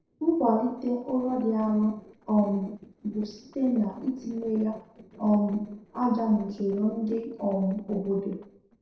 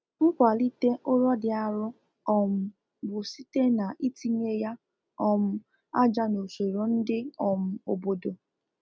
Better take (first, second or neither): second